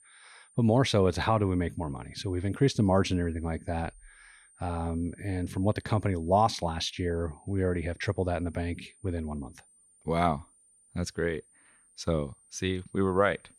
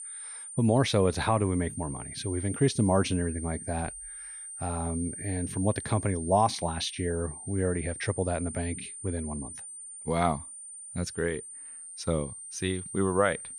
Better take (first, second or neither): first